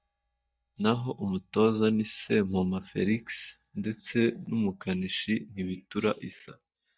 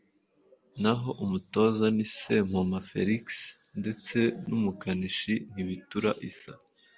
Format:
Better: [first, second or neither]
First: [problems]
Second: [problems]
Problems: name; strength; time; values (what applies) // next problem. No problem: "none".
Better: second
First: noise reduction (neural mask model DeepFilterNet 3)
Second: none